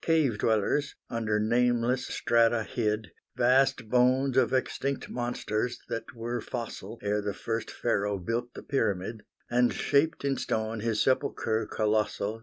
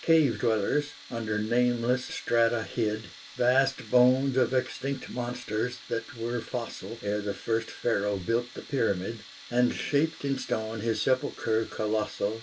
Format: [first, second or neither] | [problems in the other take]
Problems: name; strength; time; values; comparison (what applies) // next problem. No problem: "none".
first | background sound (Tools); 20 dB below the speech // room echo; dies away in 0.2 s